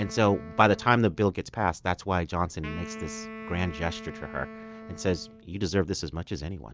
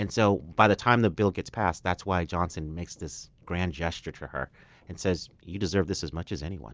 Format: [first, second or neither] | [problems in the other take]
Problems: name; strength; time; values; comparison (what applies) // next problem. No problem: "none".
second | background sound (Wind instrument, woodwind instrument); 15 dB below the speech